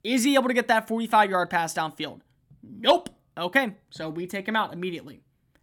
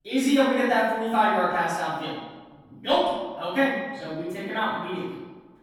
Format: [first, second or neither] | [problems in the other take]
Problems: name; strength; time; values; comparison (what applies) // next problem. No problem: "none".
first | off-mic speech; far // room echo; strong; dies away in 1.1 s